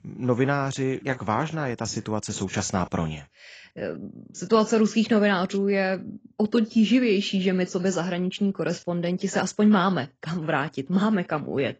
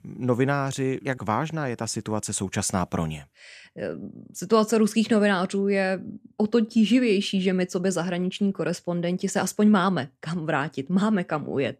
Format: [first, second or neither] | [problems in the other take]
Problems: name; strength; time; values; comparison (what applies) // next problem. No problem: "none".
second | garbled, watery; badly; nothing above 7.5 kHz